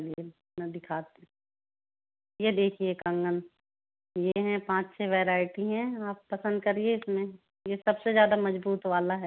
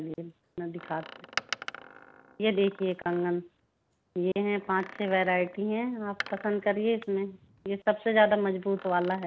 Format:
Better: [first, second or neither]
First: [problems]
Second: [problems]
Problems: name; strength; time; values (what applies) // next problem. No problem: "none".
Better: first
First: none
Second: background sound (Door); 16 dB below the speech